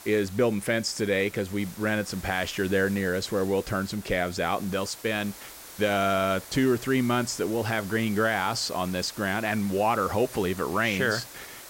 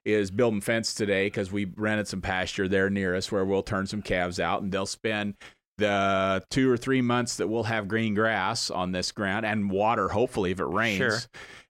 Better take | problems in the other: second | hiss; noticeable; throughout; 15 dB below the speech

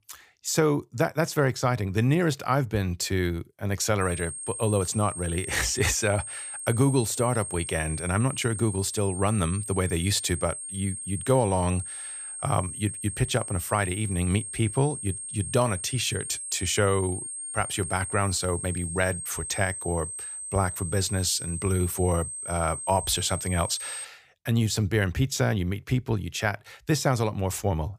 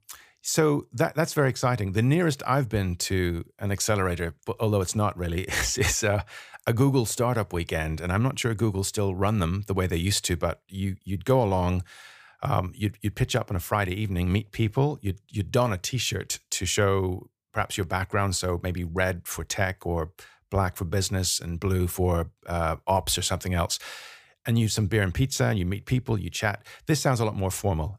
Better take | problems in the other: second | high-pitched whine; loud; from 4 to 24 s; 8.5 kHz, 7 dB below the speech

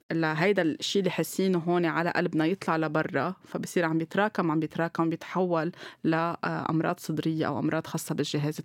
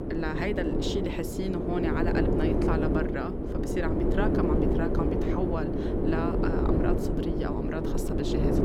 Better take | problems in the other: first | wind noise on the microphone; heavy; 3 dB above the speech

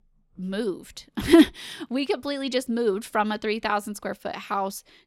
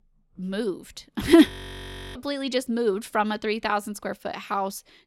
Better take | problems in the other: first | audio freezing; at 1.5 s for 0.5 s

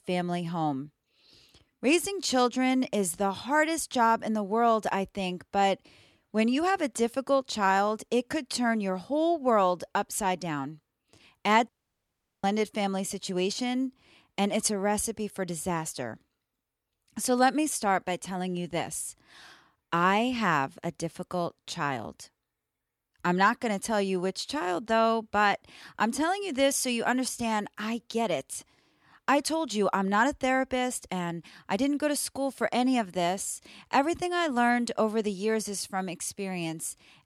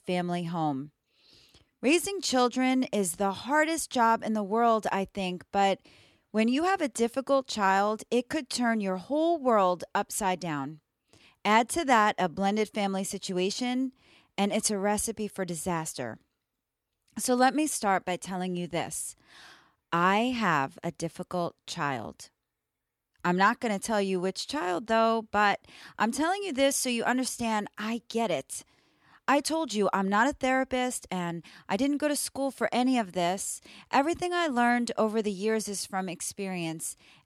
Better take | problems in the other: second | audio cutting out; at 12 s for 0.5 s

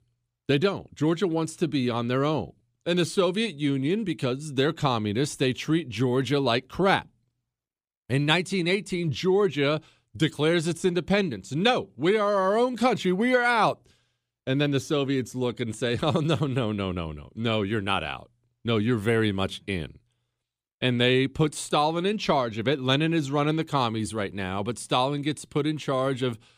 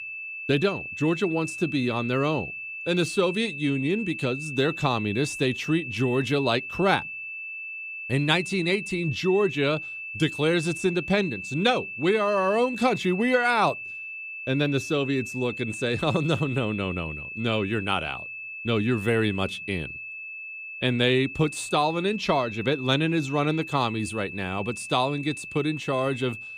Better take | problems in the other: first | high-pitched whine; loud; throughout; 2.5 kHz, 8 dB below the speech

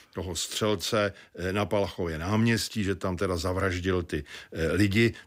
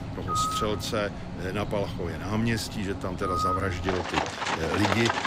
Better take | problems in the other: first | animal sounds; loud; throughout; 1 dB below the speech

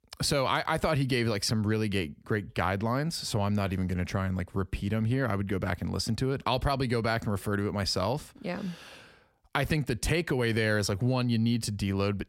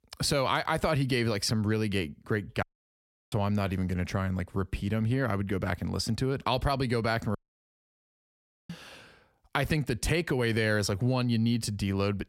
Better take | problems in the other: first | audio cutting out; at 2.5 s for 0.5 s and at 7.5 s for 1.5 s

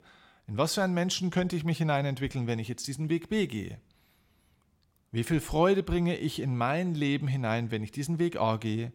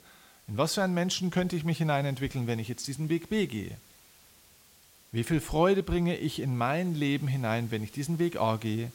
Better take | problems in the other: first | hiss; faint; throughout; 25 dB below the speech

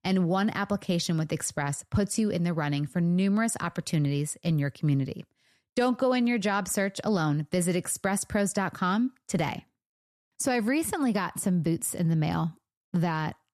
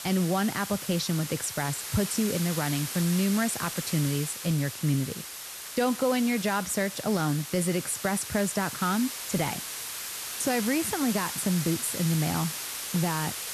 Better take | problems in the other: first | hiss; loud; throughout; 6 dB below the speech

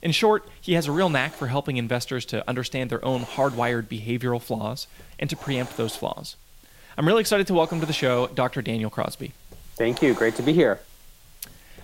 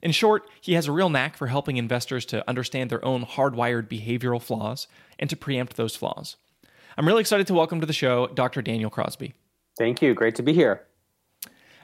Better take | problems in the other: second | hiss; noticeable; throughout; 20 dB below the speech

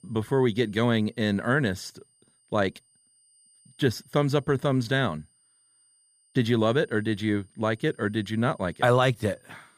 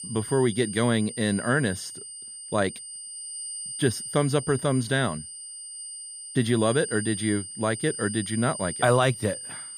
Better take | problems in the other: first | high-pitched whine; loud; throughout; 9 kHz, 9 dB below the speech; faint in the first

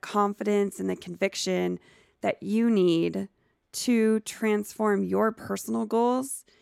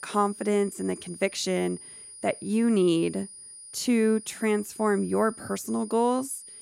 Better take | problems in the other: first | high-pitched whine; noticeable; throughout; 9.5 kHz, 15 dB below the speech

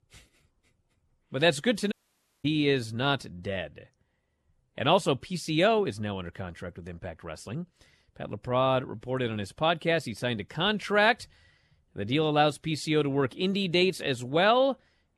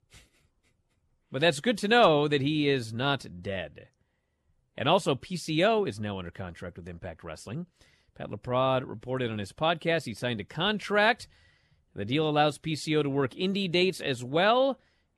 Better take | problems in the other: second | audio cutting out; at 2 s for 0.5 s

